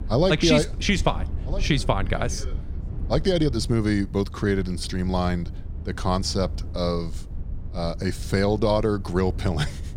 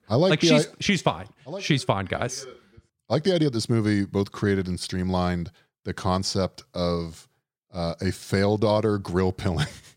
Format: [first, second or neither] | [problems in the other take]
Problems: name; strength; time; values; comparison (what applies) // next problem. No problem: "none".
second | low rumble; faint; throughout; 20 dB below the speech